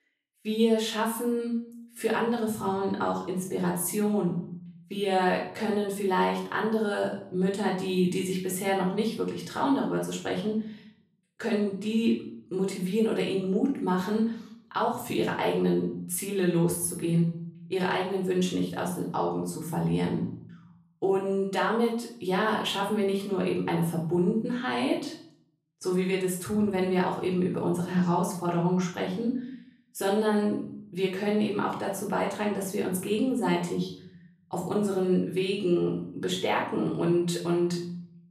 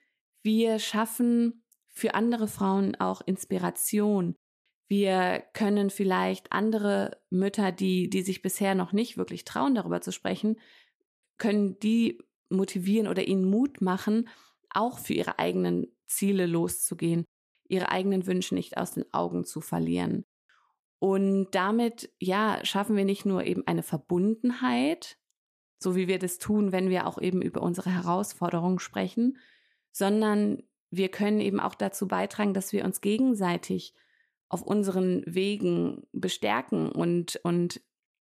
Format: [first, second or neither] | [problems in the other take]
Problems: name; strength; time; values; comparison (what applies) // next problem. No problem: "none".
second | room echo; slight; dies away in 0.6 s // off-mic speech; far